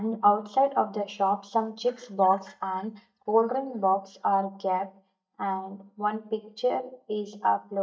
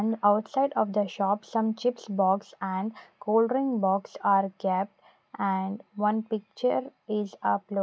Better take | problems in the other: second | noise reduction (neural mask model DeepFilterNet 3)

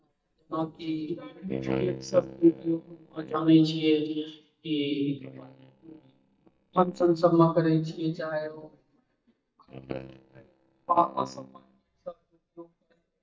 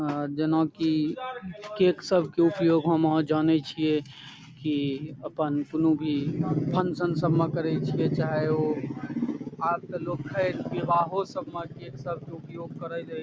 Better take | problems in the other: second | noise reduction (neural mask model DeepFilterNet 3)

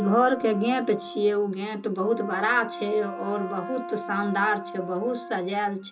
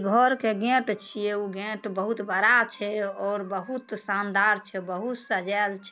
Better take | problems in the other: second | background sound (Brass instrument); 12 dB below the speech // room echo; dies away in 0.2 s

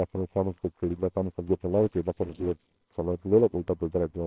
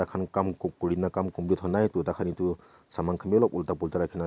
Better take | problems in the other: second | noise reduction (neural separator model SepFormer WHAMR!)

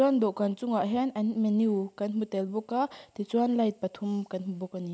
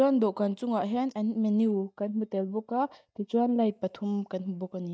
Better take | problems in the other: first | noise reduction (neural mask model DeepFilterNet 3)

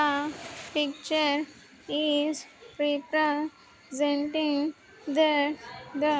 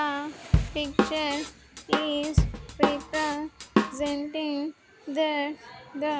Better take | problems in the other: first | background sound (Drum / Drum kit); 3 dB above the speech

